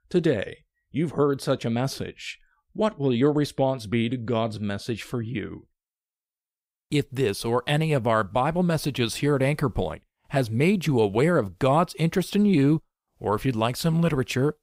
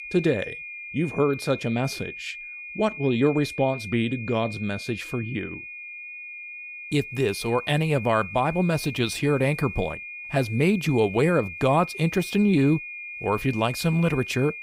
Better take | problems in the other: first | high-pitched whine; noticeable; throughout; 2.5 kHz, 10 dB below the speech

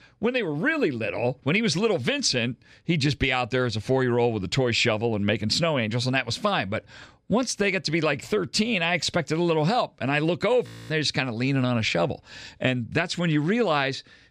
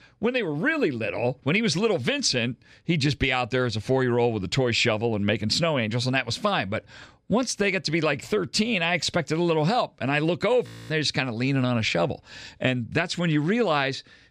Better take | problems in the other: neither | audio freezing; at 11 s; the same in both

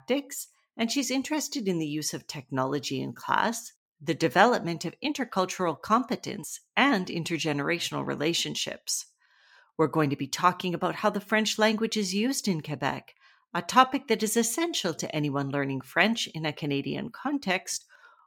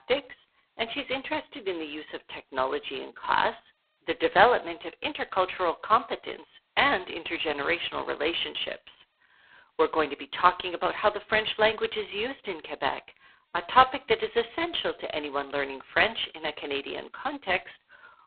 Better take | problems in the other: first | phone-call audio; poor line

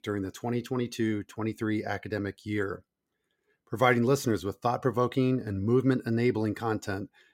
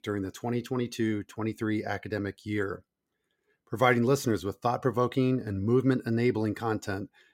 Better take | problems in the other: neither | none

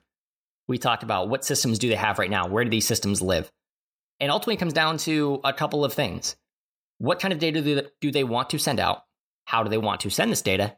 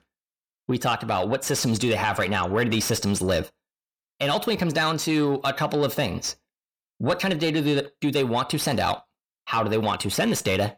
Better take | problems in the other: first | distortion; slight; 10 dB below the speech

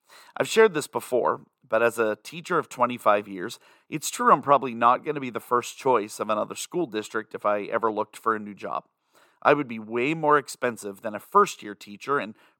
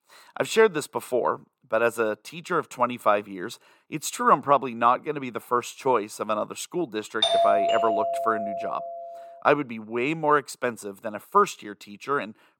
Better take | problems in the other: first | doorbell; loud; from 7 to 9 s; peak 5 dB above the speech

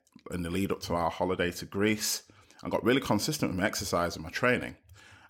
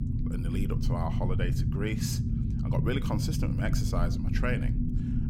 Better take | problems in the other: first | low rumble; loud; throughout; 4 dB below the speech

